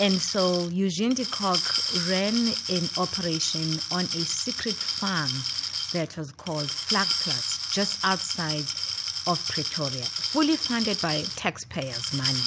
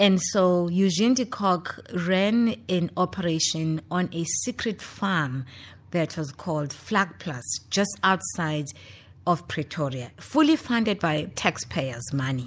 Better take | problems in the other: second | background sound (Glass); 2 dB below the speech

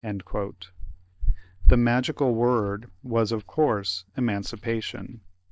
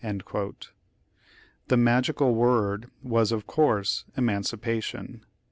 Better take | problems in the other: second | noise reduction (neural mask model DeepFilterNet 3)

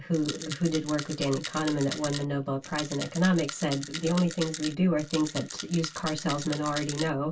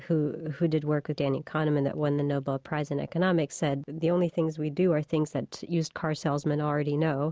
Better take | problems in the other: second | background sound (Rattle); 11 dB below the speech // room echo; dies away in 0.1 s

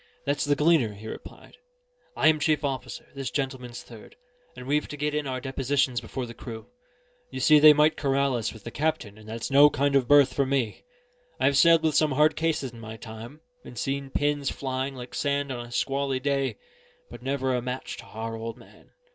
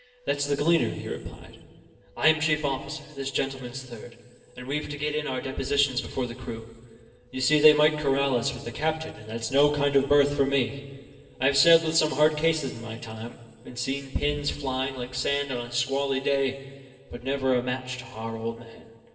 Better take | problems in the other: first | room echo; dies away in 2.6 s

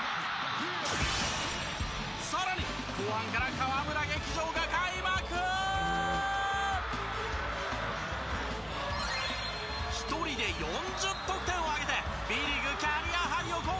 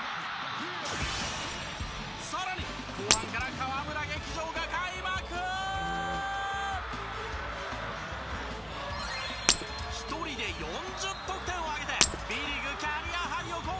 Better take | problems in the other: first | background sound (Shatter); as loud as the speech

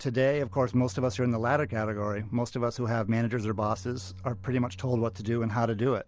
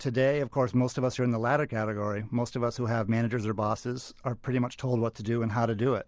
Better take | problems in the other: second | background sound (Bowed string instrument); 17 dB below the speech

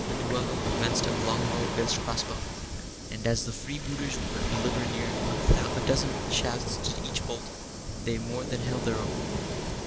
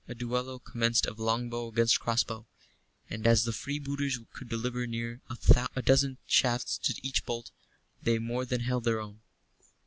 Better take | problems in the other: second | background sound (Waves, surf); 1 dB above the speech

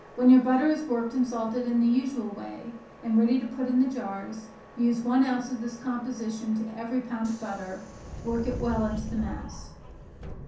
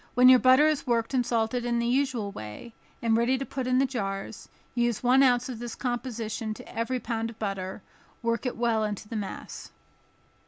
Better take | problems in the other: second | background sound (Subway, metro, underground); 15 dB below the speech // room echo; dies away in 0.6 s

